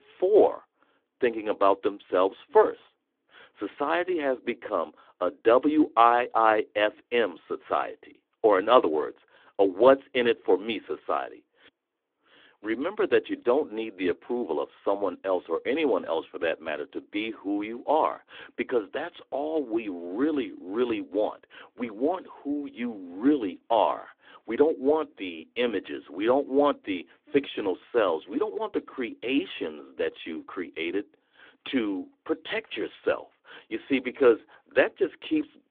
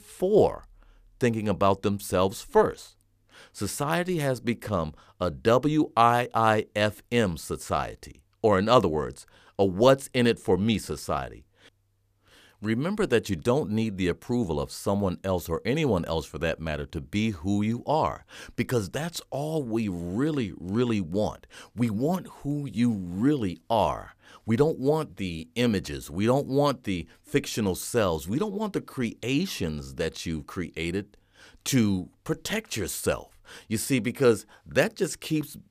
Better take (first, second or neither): second